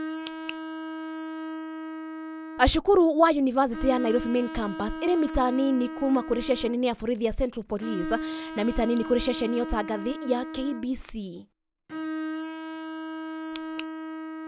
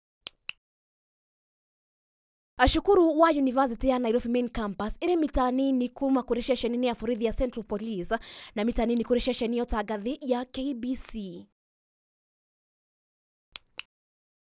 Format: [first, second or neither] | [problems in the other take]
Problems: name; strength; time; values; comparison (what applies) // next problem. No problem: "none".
second | background sound (Bowed string instrument); 9 dB below the speech